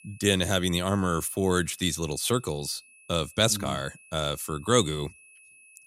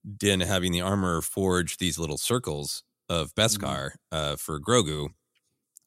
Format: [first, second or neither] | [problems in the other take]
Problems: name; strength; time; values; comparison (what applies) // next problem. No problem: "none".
second | high-pitched whine; faint; throughout; 2.5 kHz, 25 dB below the speech